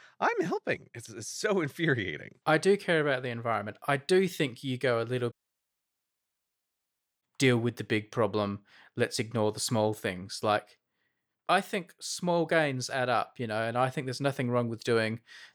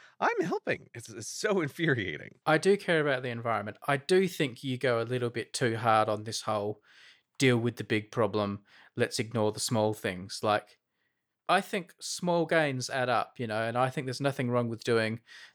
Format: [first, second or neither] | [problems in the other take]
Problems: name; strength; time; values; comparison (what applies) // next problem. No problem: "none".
second | audio cutting out; at 5.5 s for 2 s